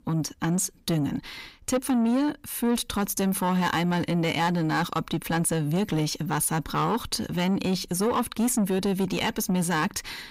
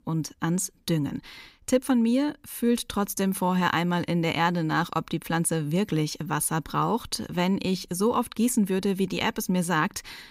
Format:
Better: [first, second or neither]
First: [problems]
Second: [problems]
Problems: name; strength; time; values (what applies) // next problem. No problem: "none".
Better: second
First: distortion; slight; 10 dB below the speech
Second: none